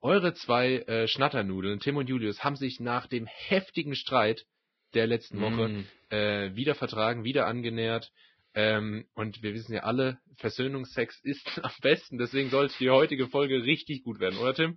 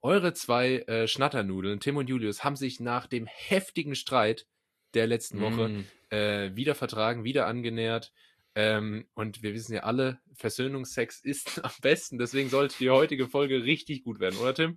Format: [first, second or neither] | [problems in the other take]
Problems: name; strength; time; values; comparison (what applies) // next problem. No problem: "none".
second | garbled, watery; badly; nothing above 5.5 kHz; slightly in the second